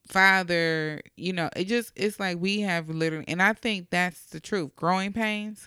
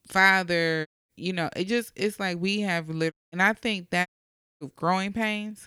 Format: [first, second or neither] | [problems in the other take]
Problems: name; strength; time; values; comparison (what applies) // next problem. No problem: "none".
first | audio cutting out; at 1 s, at 3 s and at 4 s for 0.5 s